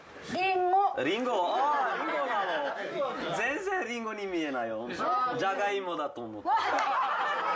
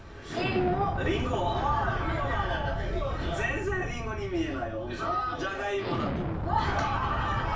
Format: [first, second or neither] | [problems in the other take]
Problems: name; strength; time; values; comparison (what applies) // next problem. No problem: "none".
first | background sound (Explosion); 2 dB below the speech // room echo; dies away in 0.3 s